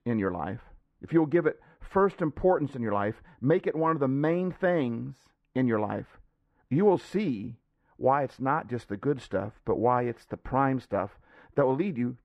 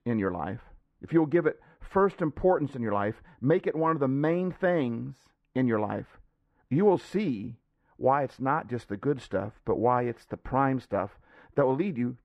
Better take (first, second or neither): neither